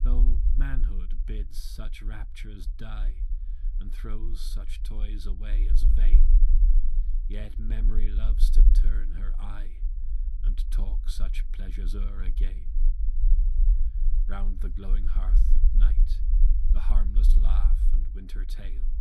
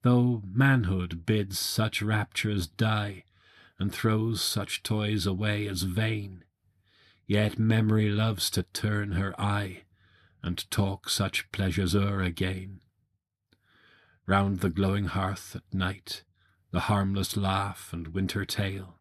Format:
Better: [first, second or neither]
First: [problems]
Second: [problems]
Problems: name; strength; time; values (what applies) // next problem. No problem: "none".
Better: second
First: low rumble; loud; throughout; 6 dB below the speech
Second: none